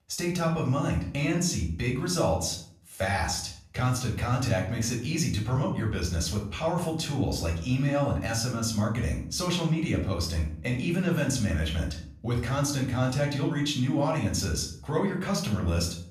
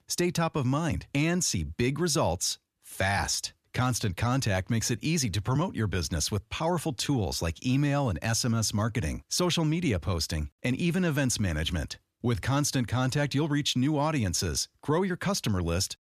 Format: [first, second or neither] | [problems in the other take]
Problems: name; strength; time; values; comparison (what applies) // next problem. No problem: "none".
second | room echo; slight; dies away in 0.5 s // off-mic speech; somewhat distant